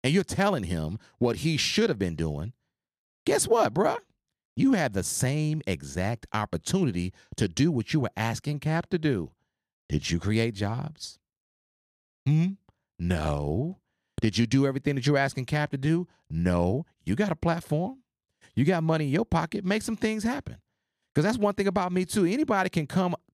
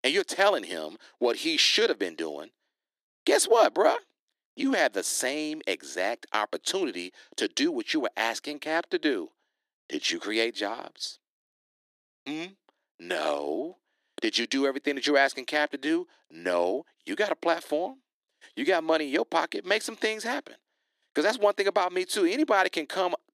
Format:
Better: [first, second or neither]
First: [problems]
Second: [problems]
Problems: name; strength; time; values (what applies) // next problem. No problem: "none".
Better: first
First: none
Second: thin; somewhat; fading below 300 Hz